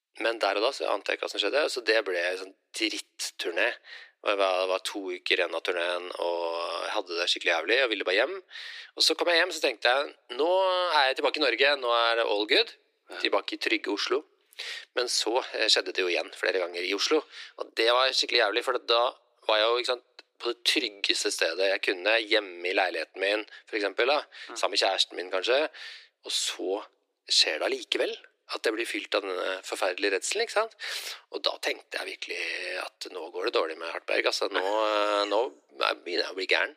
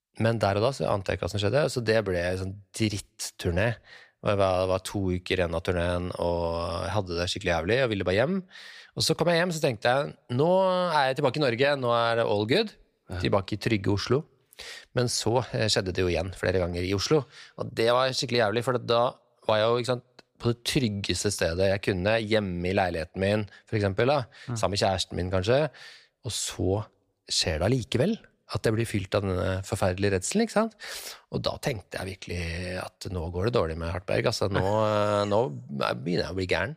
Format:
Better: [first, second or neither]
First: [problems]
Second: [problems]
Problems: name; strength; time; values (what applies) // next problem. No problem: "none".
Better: second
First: thin; very; fading below 300 Hz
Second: none